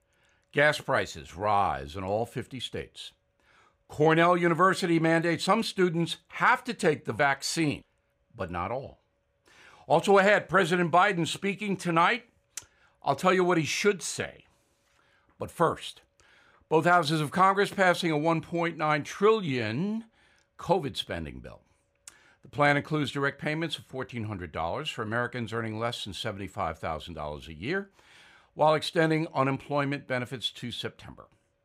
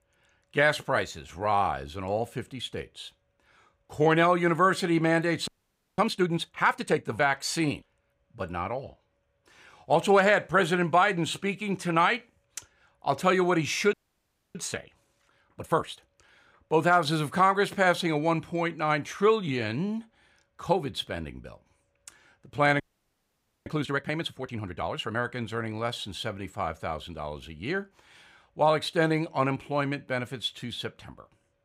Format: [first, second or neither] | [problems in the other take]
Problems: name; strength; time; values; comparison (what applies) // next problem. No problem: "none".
first | audio freezing; at 5.5 s for 0.5 s, at 14 s for 0.5 s and at 23 s for 1 s